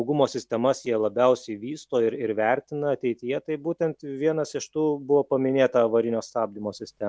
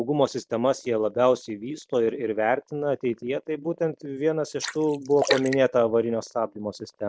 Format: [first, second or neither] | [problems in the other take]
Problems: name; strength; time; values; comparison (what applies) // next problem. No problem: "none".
first | noise reduction (neural mask model Resemble Enhance denoiser)